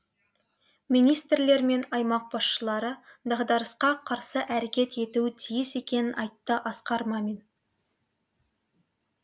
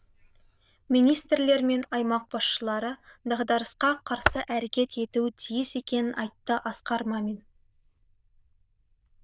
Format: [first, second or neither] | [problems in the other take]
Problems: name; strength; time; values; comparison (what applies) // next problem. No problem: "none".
first | noise reduction (neural diffusion model UNIVERSE++)